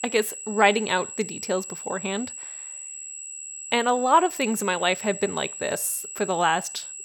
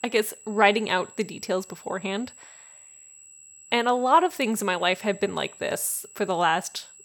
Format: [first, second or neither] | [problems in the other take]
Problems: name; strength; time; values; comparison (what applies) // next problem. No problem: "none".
second | high-pitched whine; loud; throughout; 8 kHz, 10 dB below the speech; faint in the second